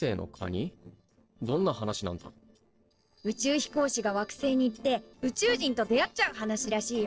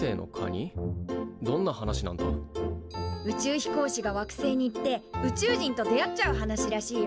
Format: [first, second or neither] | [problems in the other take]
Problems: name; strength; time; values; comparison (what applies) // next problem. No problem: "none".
second | noise reduction (neural separator model SepFormer DNS4)